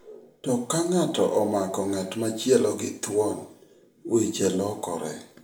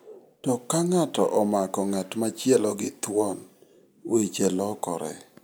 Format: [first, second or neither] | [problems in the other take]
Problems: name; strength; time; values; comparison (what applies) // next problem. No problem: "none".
second | room echo; dies away in 0.4 s